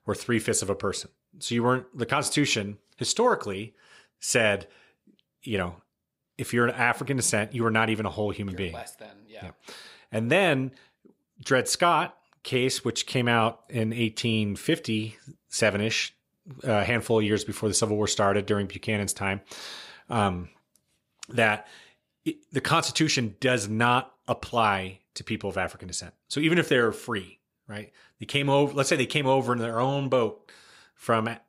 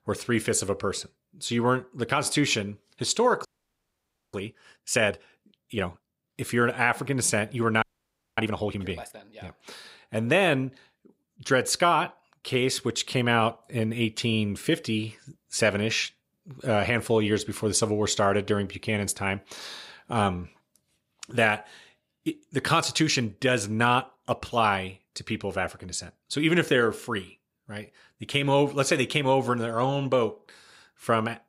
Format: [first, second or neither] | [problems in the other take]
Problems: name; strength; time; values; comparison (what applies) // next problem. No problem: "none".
first | audio freezing; at 3.5 s for 1 s and at 8 s for 0.5 s